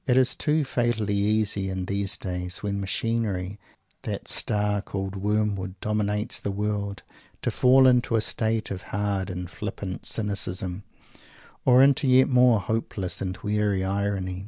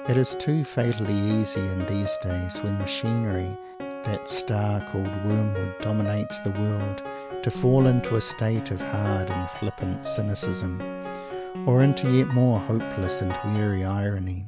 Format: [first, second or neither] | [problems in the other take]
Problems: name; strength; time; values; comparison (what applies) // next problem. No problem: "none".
first | background sound (Piano); 9 dB below the speech